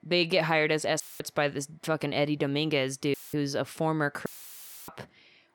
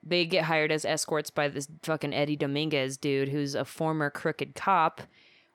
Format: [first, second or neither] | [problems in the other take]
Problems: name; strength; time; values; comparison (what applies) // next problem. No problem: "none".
second | audio cutting out; filled with static; at 1 s, at 3 s and at 4.5 s for 0.5 s